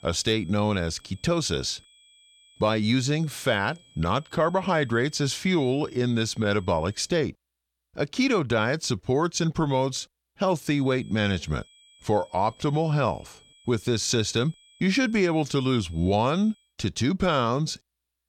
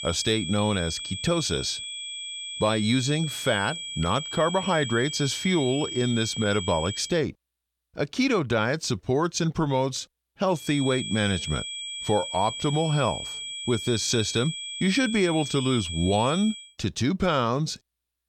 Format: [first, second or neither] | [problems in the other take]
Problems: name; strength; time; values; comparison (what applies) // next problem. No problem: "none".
first | high-pitched whine; loud; until 7 s and from 11 to 17 s; 3.5 kHz, 7 dB below the speech; faint in the first